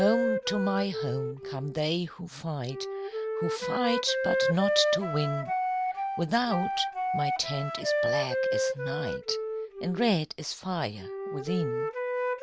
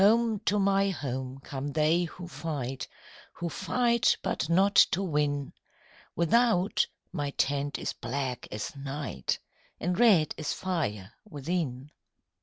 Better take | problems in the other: second | background sound (Wind instrument, woodwind instrument); as loud as the speech

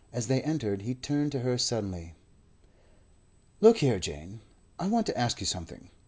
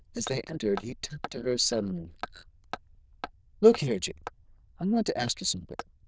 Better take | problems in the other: first | noise reduction (neural diffusion model UNIVERSE++)

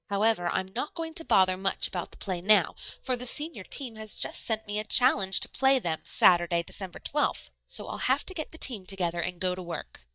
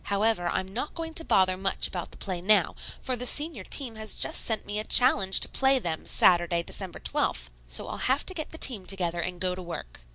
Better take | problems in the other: second | noise reduction (neural mask model DeepFilterNet 3)

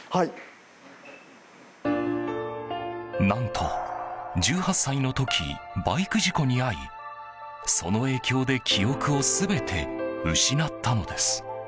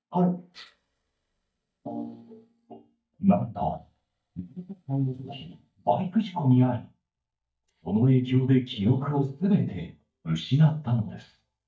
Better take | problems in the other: first | noise reduction (neural mask model DeepFilterNet 3)

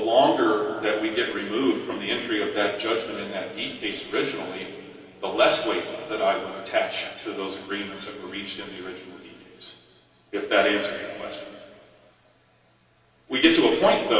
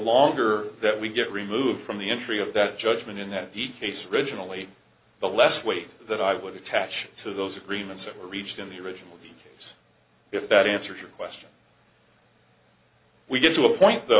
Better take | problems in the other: second | room echo; dies away in 2.4 s

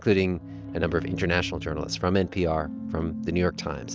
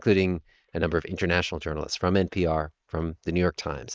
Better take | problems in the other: first | noise reduction (neural mask model Resemble Enhance denoiser)

